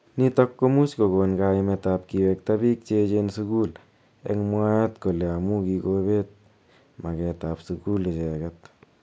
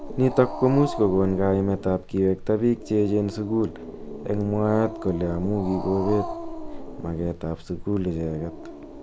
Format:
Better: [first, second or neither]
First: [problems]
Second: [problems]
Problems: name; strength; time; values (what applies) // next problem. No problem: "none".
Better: first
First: none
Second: background sound (Growling); 10 dB below the speech